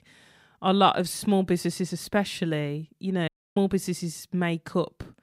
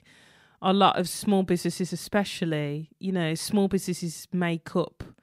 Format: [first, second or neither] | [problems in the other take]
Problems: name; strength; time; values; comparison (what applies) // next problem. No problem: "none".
second | audio cutting out; at 3.5 s